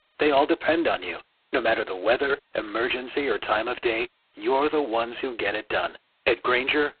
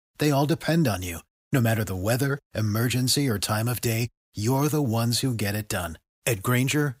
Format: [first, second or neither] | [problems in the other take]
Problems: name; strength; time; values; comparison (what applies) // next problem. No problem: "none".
second | phone-call audio; poor line; nothing above 4 kHz